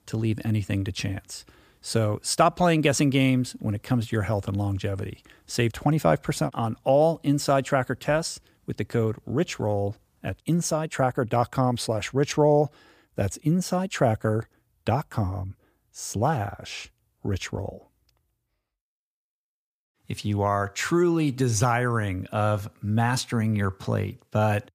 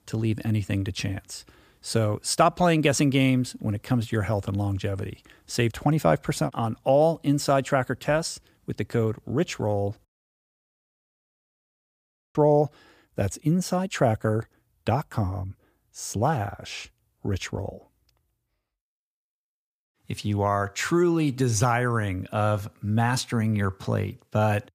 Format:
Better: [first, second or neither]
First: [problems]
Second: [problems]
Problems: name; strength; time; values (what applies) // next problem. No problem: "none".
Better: first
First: none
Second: audio cutting out; at 10 s for 2.5 s